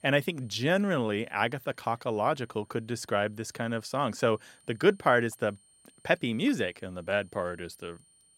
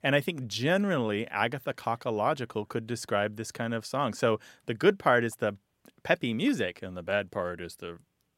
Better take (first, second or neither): second